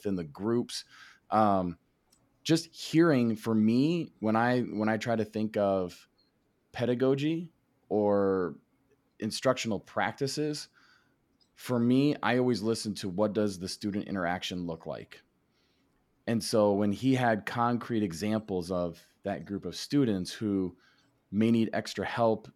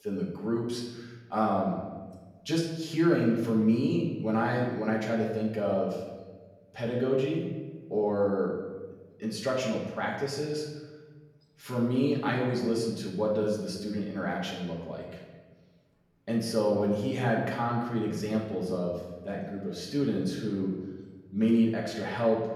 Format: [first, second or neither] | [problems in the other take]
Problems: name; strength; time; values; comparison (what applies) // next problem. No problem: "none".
first | room echo; noticeable; dies away in 1.2 s // off-mic speech; far